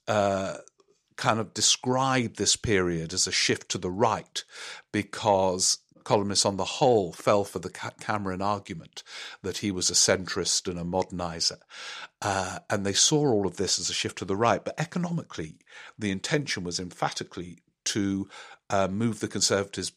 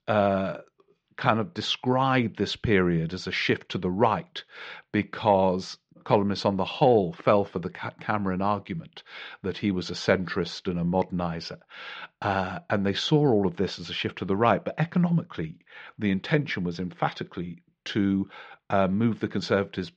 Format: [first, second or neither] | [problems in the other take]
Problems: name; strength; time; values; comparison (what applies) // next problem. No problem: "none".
first | muffled; very; fading above 3.5 kHz